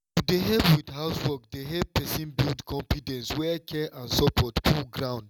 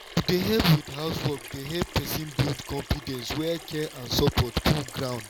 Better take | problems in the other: first | background sound (Sink (filling or washing) / Water tap, faucet); 16 dB below the speech

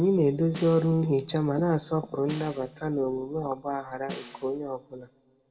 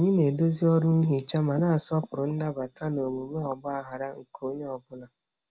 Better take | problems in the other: second | background sound (Snare drum); 18 dB below the speech // room echo; dies away in 0.8 s

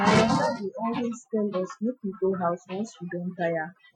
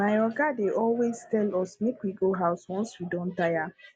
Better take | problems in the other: second | noise reduction (classical method Wiener filter)

